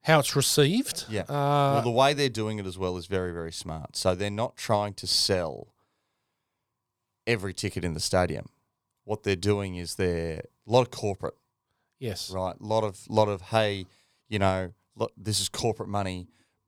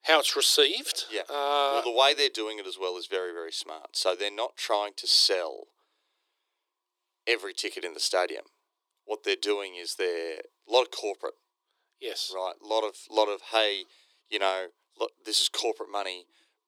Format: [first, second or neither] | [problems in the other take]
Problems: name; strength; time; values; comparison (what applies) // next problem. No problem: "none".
first | thin; very; fading below 300 Hz